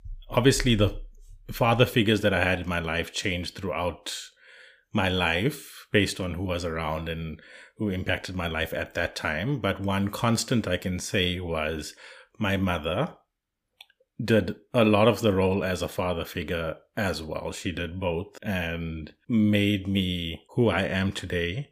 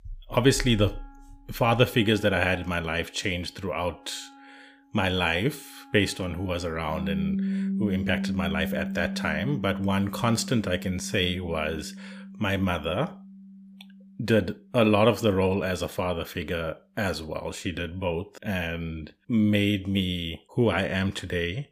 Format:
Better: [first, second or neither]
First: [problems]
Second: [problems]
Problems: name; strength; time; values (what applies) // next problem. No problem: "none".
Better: first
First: none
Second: background music; loud; throughout; 7 dB below the speech